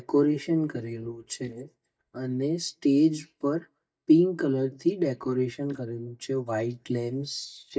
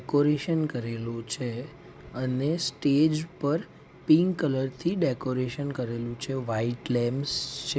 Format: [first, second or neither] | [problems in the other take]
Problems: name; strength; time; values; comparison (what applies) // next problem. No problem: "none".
second | noise reduction (neural mask model DeepFilterNet 3)